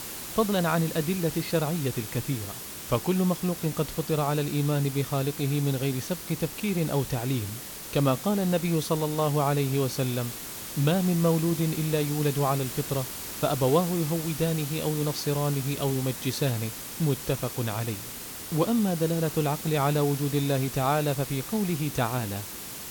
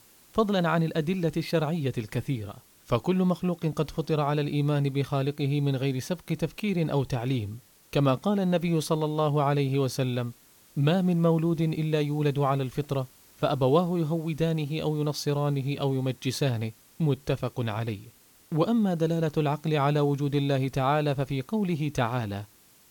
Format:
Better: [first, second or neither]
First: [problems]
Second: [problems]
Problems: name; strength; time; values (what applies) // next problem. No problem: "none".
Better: second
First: hiss; loud; throughout; 8 dB below the speech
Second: hiss; faint; throughout; 30 dB below the speech